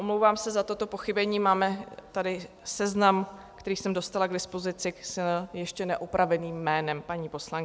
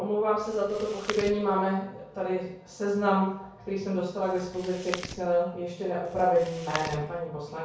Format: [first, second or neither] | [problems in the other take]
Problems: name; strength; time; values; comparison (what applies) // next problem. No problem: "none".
first | background sound (Chewing, mastication); 13 dB below the speech // room echo; dies away in 0.6 s